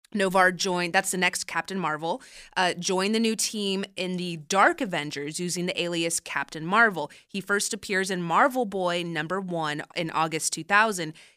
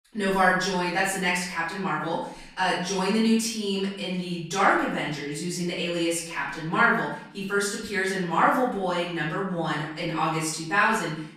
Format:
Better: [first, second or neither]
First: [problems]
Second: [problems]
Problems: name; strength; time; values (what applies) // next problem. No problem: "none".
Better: first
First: none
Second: room echo; noticeable; dies away in 0.6 s // off-mic speech; far